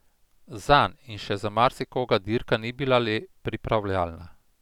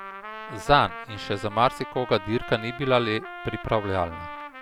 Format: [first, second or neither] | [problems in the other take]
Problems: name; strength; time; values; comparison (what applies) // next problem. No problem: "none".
first | background sound (Trumpet); 12 dB below the speech